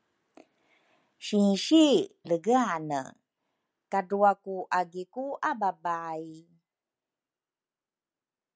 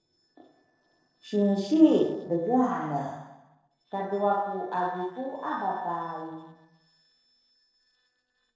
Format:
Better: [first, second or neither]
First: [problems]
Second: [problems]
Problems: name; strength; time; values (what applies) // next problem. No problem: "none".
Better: first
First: none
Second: noise reduction (neural separator model SepFormer DNS4)